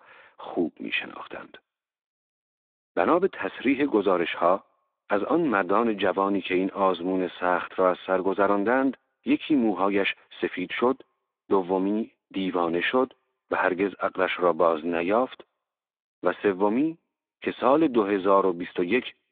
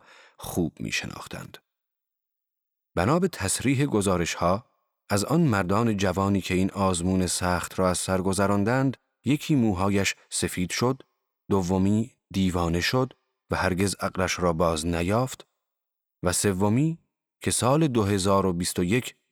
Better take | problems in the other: second | phone-call audio

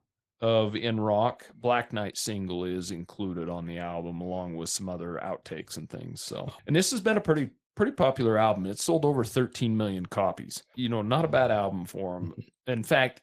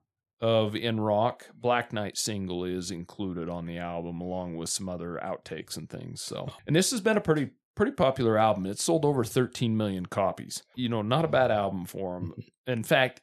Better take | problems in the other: second | garbled, watery; slightly; nothing above 15 kHz

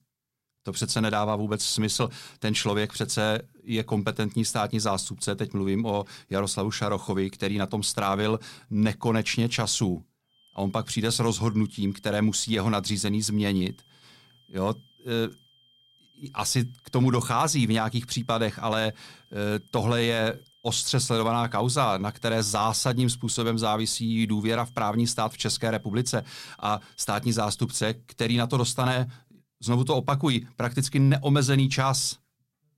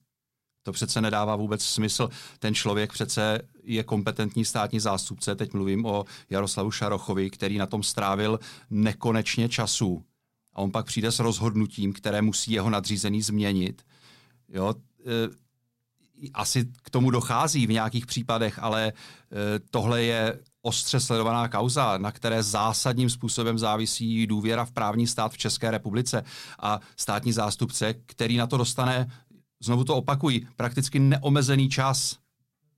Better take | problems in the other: second | high-pitched whine; faint; from 10 to 28 s; 3 kHz, 30 dB below the speech

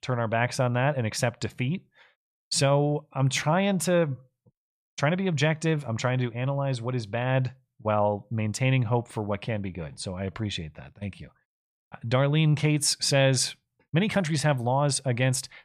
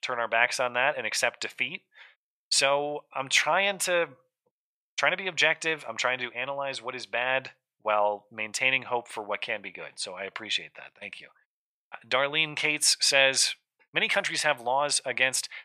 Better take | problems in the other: first | thin; very; fading below 600 Hz

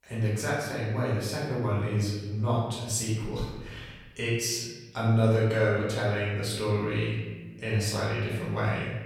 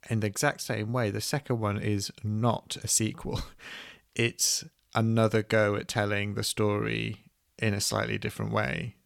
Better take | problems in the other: second | room echo; noticeable; dies away in 1.3 s // off-mic speech; far

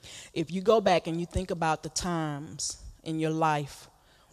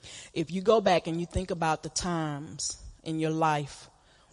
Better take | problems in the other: first | garbled, watery; slightly; nothing above 10.5 kHz

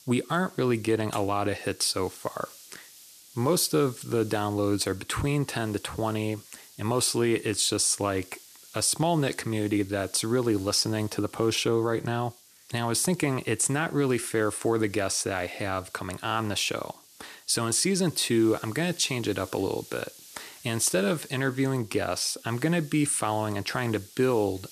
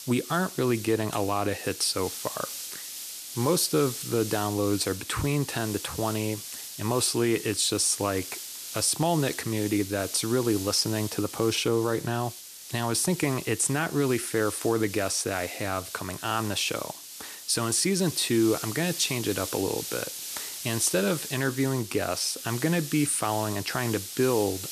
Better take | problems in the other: first | hiss; loud; throughout; 9 dB below the speech; faint in the first

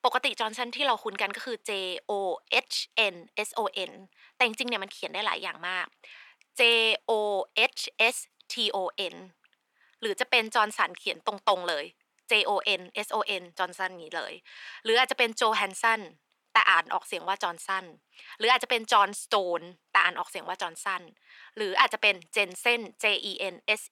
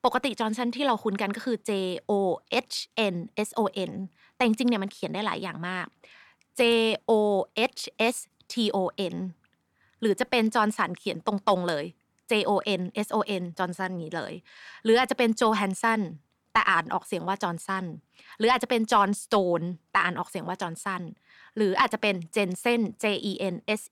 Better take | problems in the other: second | thin; very; fading below 550 Hz

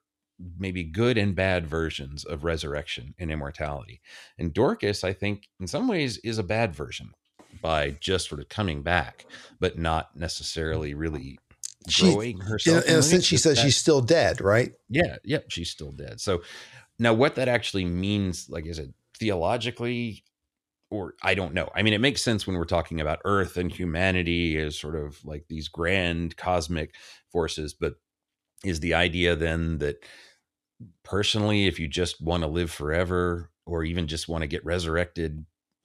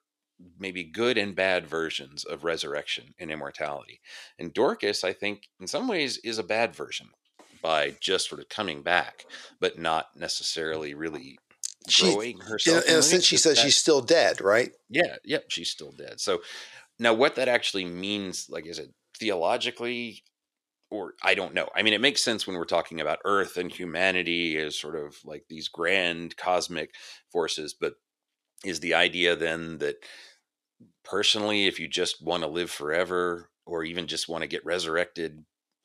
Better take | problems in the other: first | thin; somewhat; fading below 350 Hz

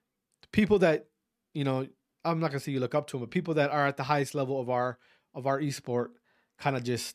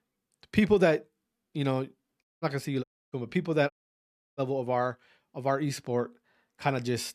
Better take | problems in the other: first | audio cutting out; at 2 s, at 3 s and at 3.5 s for 0.5 s

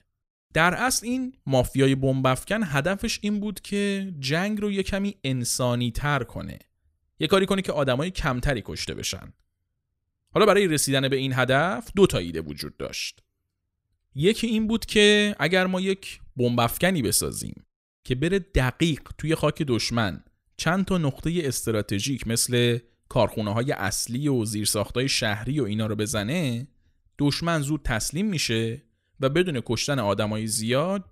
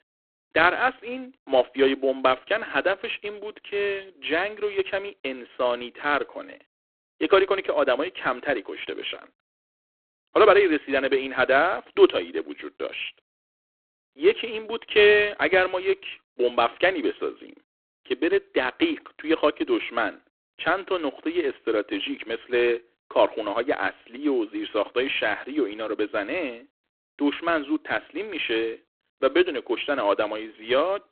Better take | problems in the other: first | phone-call audio; poor line

